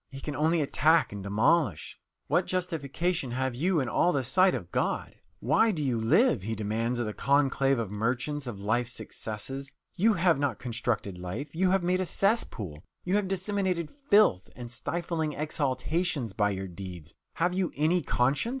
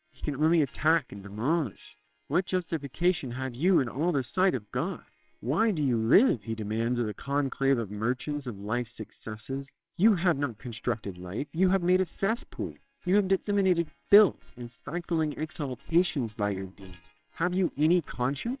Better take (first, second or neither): first